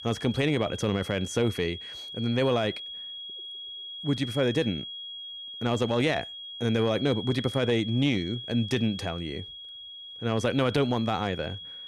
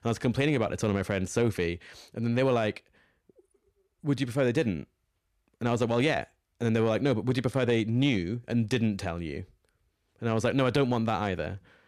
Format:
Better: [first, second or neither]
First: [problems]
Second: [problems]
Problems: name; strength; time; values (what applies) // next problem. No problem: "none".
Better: second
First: high-pitched whine; loud; throughout; 3.5 kHz, 10 dB below the speech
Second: none